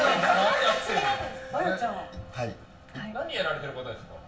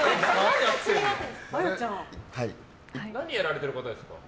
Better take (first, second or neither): second